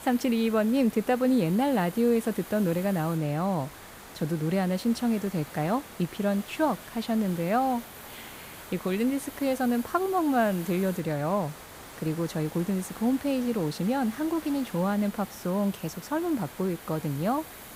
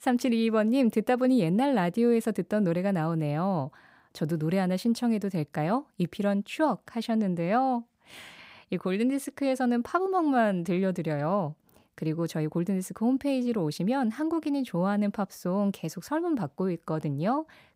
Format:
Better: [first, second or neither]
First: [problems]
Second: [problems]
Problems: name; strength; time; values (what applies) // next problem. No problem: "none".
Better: second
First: hiss; noticeable; throughout; 15 dB below the speech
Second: none